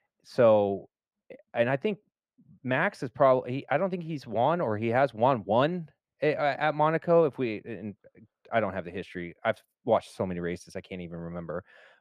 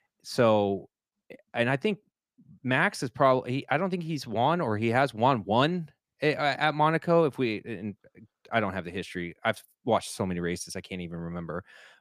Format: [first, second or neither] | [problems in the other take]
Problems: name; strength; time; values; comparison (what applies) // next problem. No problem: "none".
second | muffled; slightly; fading above 4 kHz